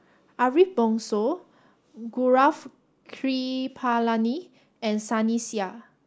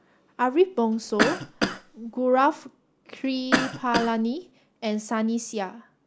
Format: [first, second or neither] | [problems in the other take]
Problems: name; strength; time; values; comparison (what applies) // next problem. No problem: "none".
first | background sound (Cough); 2 dB below the speech